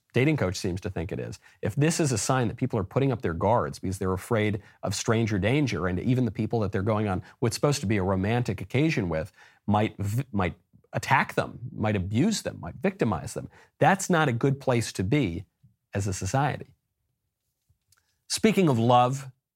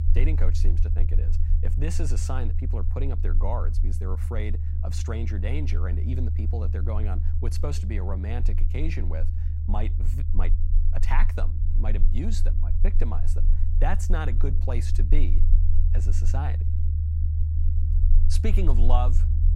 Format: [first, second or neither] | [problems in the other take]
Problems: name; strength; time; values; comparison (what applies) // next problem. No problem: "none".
first | low rumble; loud; throughout; 7 dB below the speech